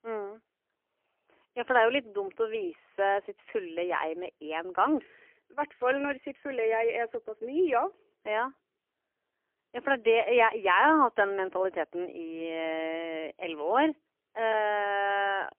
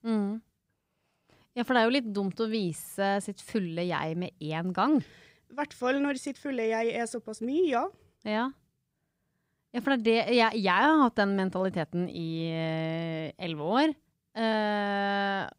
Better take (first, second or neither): second